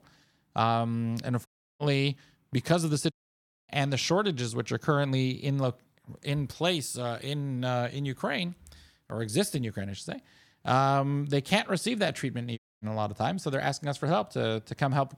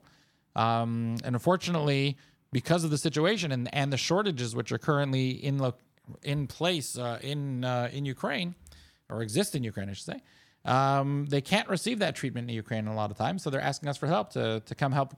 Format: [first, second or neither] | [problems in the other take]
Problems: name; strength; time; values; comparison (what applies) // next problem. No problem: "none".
second | audio cutting out; at 1.5 s, at 3 s for 0.5 s and at 13 s